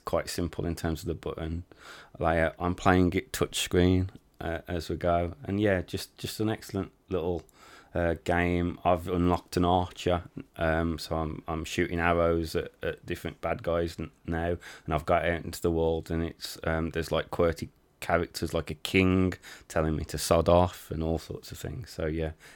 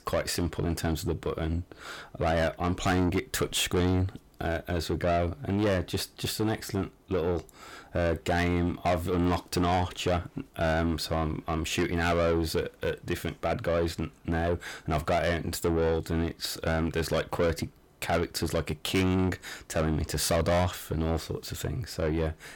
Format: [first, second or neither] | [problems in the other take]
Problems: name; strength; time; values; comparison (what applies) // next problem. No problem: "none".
first | distortion; heavy; 7 dB below the speech